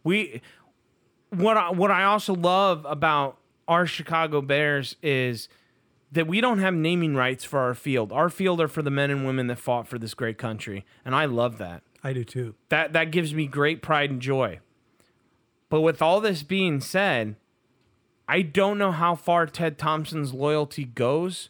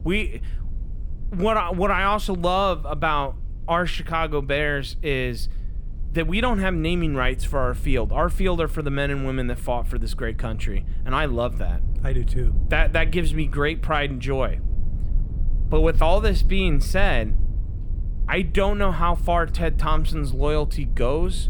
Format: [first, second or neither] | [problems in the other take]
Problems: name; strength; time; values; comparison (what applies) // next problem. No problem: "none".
first | low rumble; faint; throughout; 25 dB below the speech